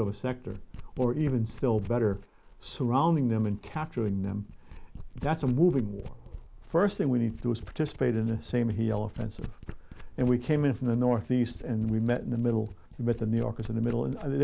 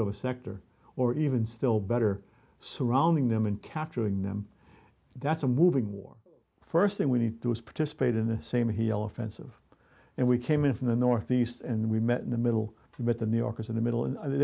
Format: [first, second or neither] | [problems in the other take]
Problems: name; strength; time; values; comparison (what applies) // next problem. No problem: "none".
second | noise reduction (neural mask model Resemble Enhance denoiser)